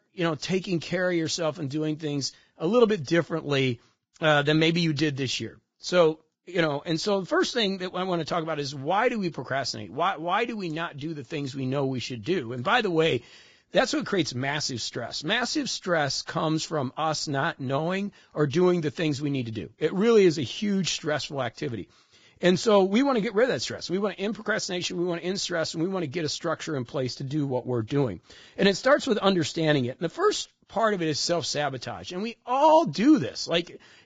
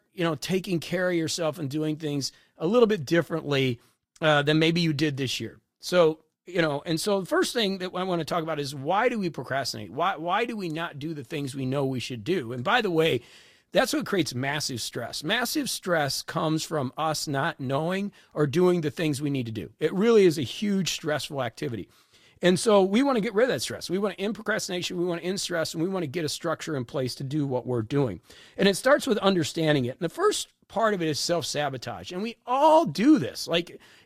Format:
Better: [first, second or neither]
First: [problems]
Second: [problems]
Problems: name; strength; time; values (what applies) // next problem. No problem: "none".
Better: second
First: garbled, watery; badly; nothing above 7.5 kHz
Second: garbled, watery; slightly; nothing above 14.5 kHz